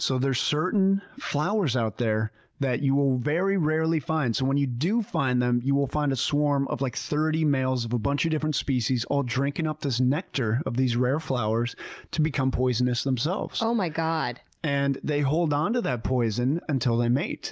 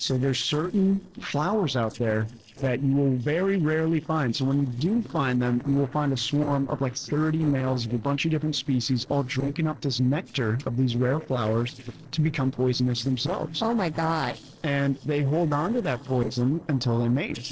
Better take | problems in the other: first | noise reduction (neural separator model SepFormer DNS4)

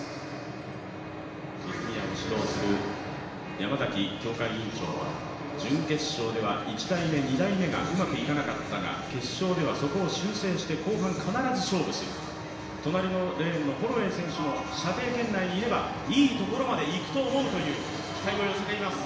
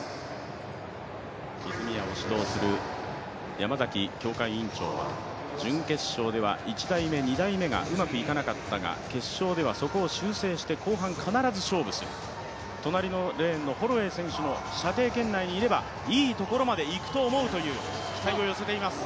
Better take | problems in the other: second | background sound (Trumpet); 16 dB below the speech // room echo; dies away in 1 s

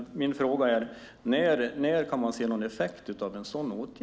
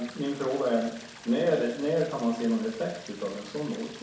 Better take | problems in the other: first | background sound (Stream); 18 dB below the speech // room echo; dies away in 0.6 s

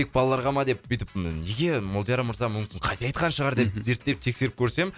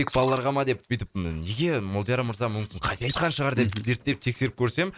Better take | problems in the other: first | noise reduction (neural mask model Resemble Enhance denoiser)

